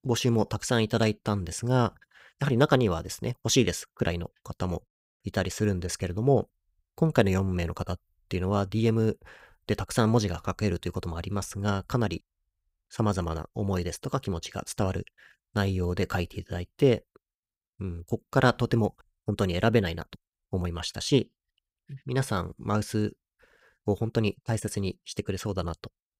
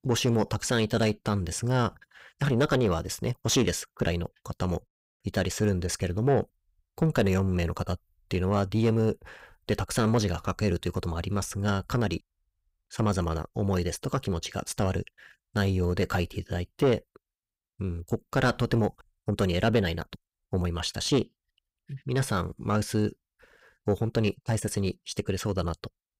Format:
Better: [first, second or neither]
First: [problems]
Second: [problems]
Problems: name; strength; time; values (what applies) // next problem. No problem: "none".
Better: first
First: none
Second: distortion; slight; 9 dB below the speech